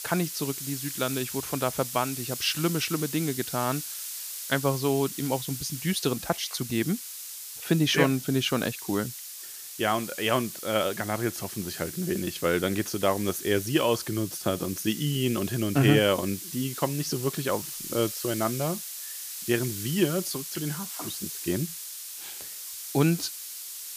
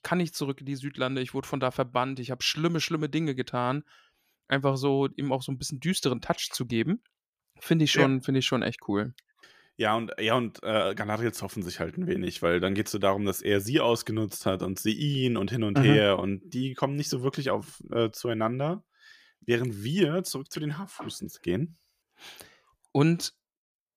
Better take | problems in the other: second | hiss; loud; throughout; 7 dB below the speech

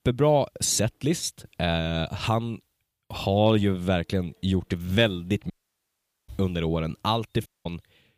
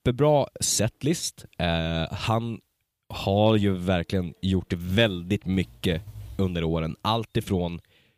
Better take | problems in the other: second | audio cutting out; at 5.5 s for 1 s and at 7.5 s

